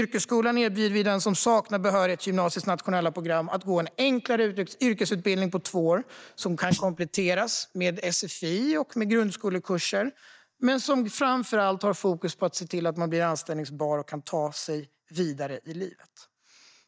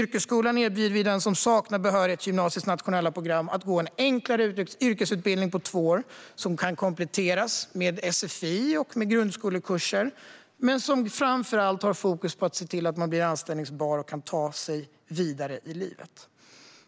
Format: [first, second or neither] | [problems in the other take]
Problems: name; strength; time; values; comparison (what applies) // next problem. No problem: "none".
second | noise reduction (neural mask model DeepFilterNet 3)